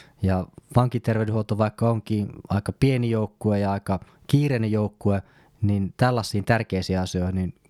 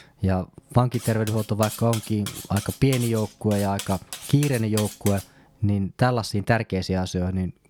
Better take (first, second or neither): first